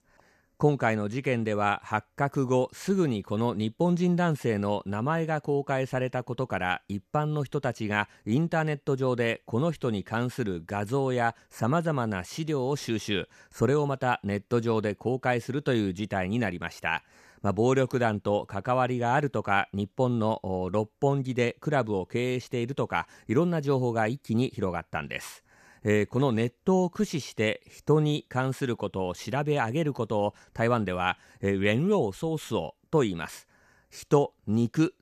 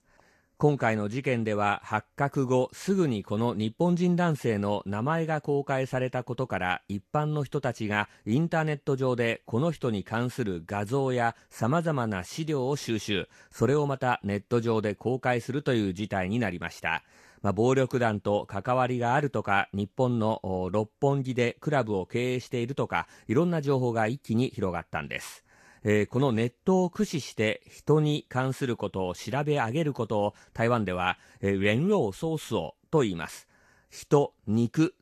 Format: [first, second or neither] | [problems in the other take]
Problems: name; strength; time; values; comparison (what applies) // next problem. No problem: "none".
first | garbled, watery; slightly; nothing above 13 kHz